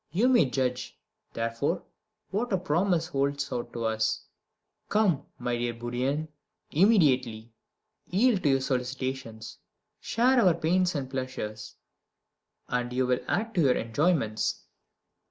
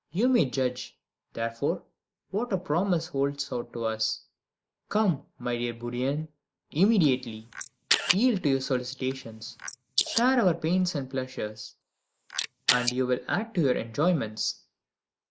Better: first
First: none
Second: noise reduction (neural mask model Resemble Enhance denoiser)

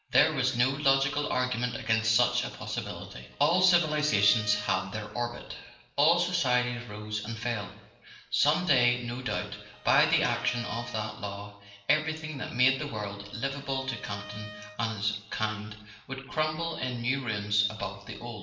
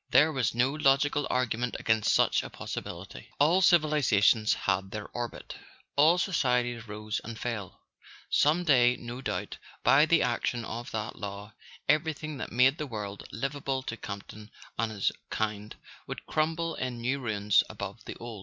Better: second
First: background sound (Bowed string instrument); 20 dB below the speech // room echo; dies away in 0.9 s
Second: none

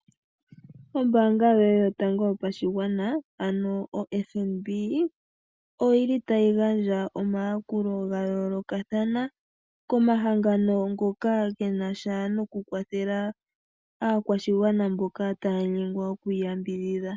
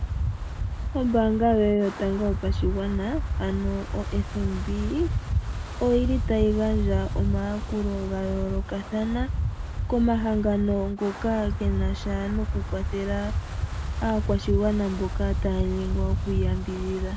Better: first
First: none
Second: background sound (Wind); 1 dB below the speech

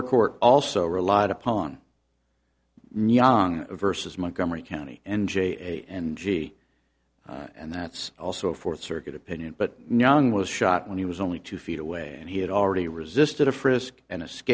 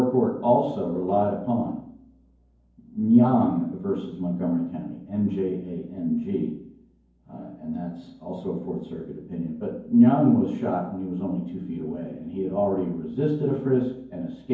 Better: first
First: none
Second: room echo; dies away in 0.9 s

